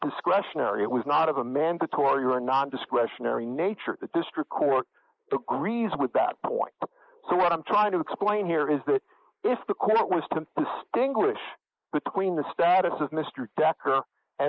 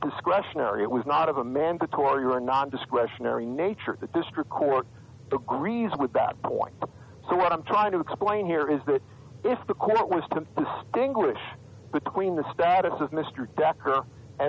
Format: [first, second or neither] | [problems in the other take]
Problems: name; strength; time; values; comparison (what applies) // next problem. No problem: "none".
second | noise reduction (neural mask model Resemble Enhance denoiser)